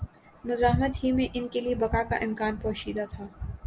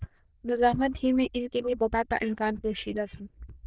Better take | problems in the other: first | noise reduction (neural diffusion model UNIVERSE++)

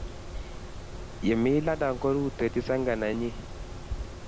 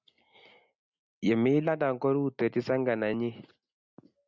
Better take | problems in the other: second | background sound (Mechanisms); 8 dB below the speech

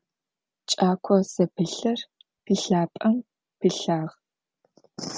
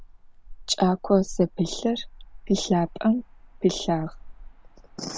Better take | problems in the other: first | background sound (Motor vehicle (road)); 15 dB below the speech

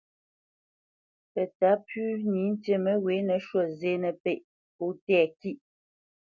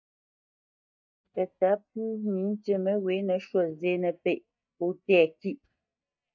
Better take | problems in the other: first | noise reduction (neural mask model DeepFilterNet 3)

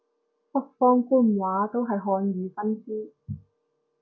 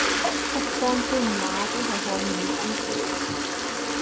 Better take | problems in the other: first | background sound (Toilet flush); 5 dB above the speech

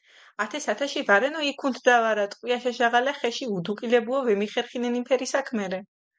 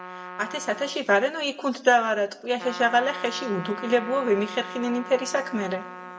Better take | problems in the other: first | background sound (Trumpet); 13 dB below the speech // room echo; dies away in 1.6 s

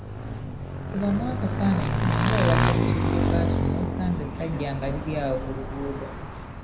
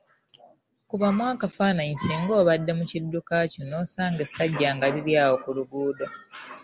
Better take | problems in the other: second | background sound (Motorcycle / Engine); 3 dB above the speech // room echo; dies away in 0.5 s

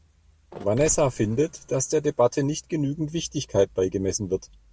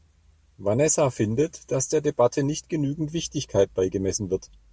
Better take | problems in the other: second | background sound (Mechanisms); 17 dB below the speech

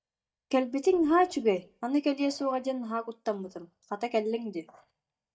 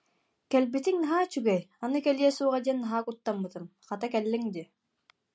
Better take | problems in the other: second | noise reduction (neural mask model DeepFilterNet 3)

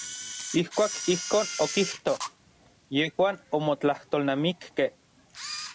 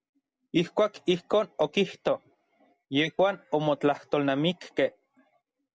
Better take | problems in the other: second | background sound (Camera); 10 dB below the speech

